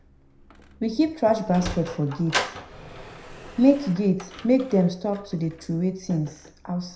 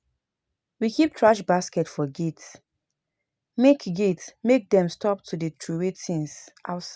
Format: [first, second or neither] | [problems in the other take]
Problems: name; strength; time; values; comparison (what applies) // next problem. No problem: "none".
second | background sound (Sliding door); 13 dB below the speech // room echo; dies away in 0.5 s